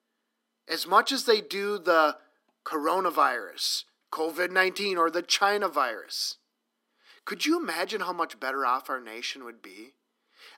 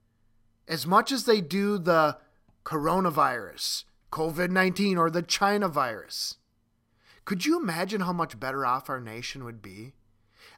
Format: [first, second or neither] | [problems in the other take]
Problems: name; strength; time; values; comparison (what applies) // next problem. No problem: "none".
second | thin; somewhat; fading below 250 Hz